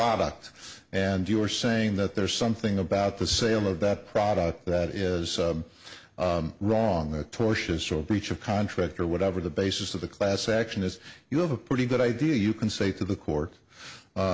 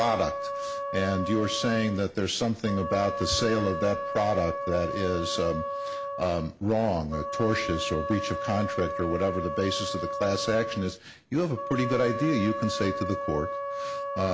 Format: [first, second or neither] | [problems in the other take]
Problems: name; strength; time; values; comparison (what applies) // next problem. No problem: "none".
first | background sound (Wind instrument, woodwind instrument); 5 dB below the speech